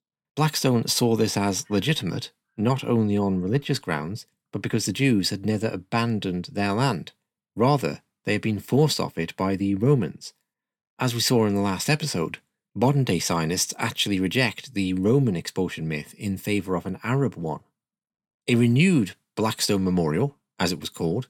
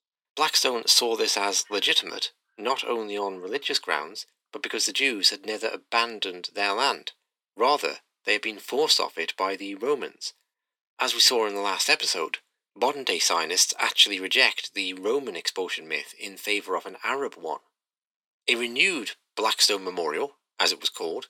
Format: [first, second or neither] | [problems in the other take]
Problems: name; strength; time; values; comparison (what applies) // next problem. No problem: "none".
first | thin; very; fading below 400 Hz